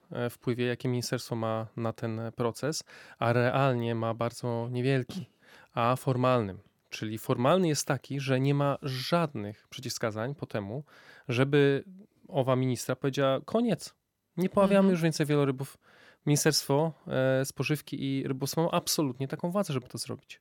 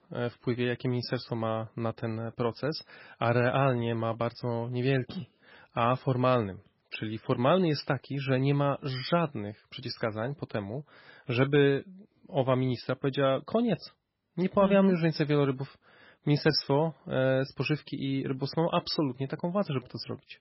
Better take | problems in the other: first | garbled, watery; badly; nothing above 5.5 kHz

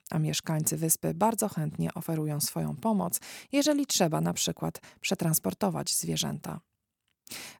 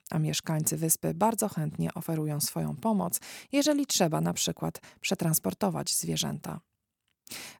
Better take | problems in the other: neither | none

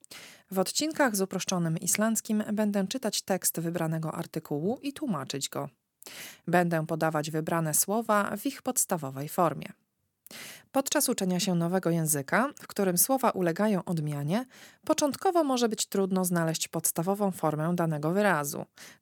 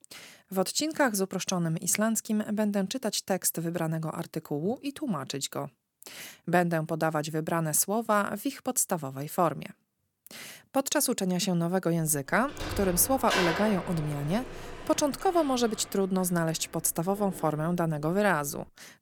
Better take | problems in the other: first | door banging; loud; from 12 to 17 s; peak 1 dB above the speech

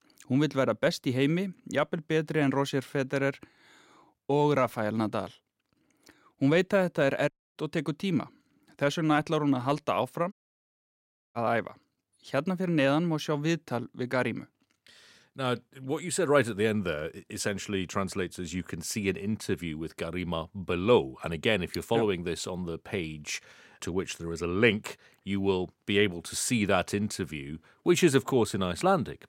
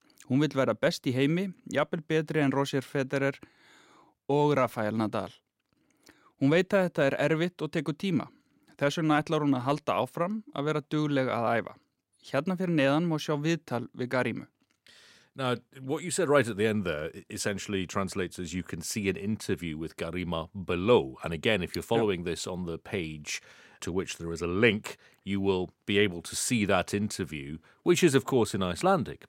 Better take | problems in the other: second | audio cutting out; at 7.5 s and at 10 s for 1 s

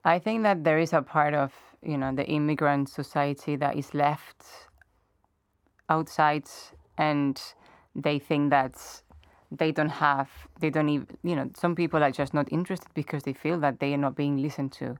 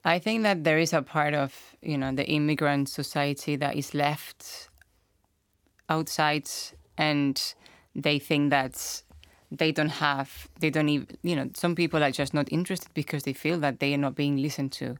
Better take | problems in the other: second | muffled; slightly; fading above 2.5 kHz

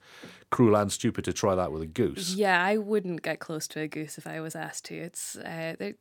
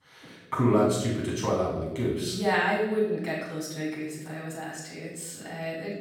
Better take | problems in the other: first | off-mic speech; far // room echo; noticeable; dies away in 0.9 s

